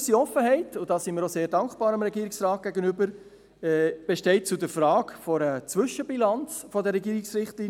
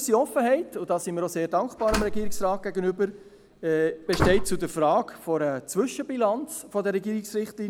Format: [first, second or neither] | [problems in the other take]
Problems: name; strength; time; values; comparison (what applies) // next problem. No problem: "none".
first | background sound (Slam); 3 dB below the speech